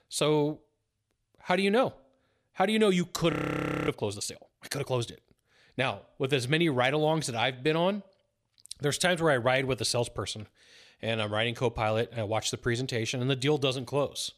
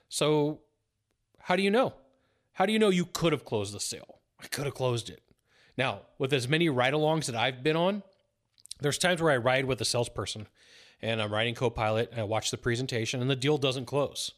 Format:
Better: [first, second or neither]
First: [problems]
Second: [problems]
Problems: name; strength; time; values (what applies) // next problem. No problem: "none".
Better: second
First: audio freezing; at 3.5 s for 0.5 s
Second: none